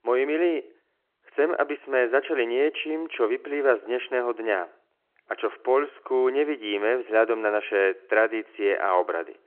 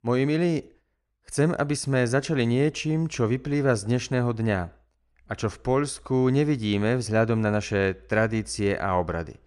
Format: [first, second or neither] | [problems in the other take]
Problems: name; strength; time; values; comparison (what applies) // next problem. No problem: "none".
second | phone-call audio